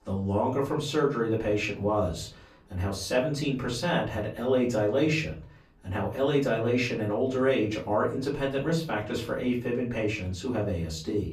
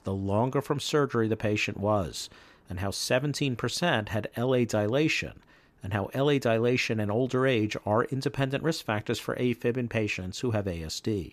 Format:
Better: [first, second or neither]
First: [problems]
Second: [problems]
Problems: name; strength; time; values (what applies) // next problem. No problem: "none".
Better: second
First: off-mic speech; far // room echo; slight; dies away in 0.4 s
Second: none